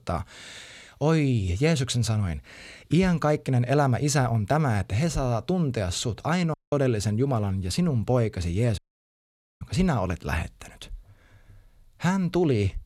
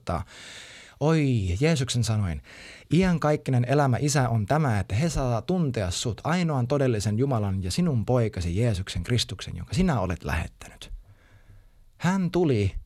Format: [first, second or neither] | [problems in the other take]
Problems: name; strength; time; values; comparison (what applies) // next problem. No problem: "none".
second | audio cutting out; at 6.5 s and at 9 s for 1 s